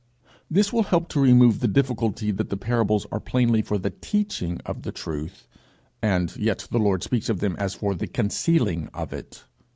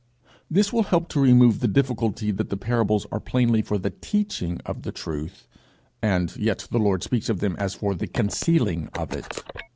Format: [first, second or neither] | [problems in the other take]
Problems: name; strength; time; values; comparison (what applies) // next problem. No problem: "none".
first | background sound (Telephone); 13 dB below the speech